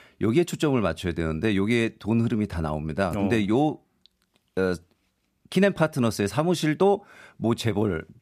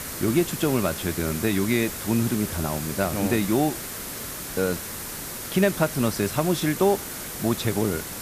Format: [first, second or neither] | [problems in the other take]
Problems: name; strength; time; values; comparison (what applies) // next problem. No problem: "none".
first | hiss; loud; throughout; 7 dB below the speech